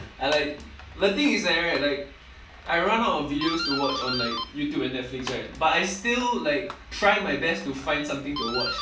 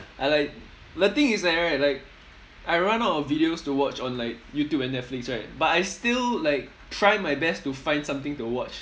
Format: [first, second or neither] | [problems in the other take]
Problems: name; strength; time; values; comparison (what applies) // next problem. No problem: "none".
second | background sound (Doorbell); 10 dB below the speech // room echo; dies away in 0.3 s